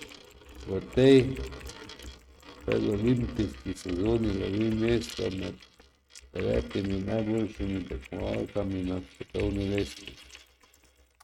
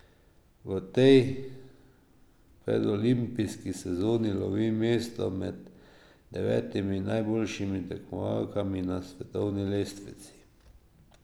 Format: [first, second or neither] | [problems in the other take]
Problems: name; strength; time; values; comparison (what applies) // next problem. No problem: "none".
second | noise reduction (neural mask model RNNoise)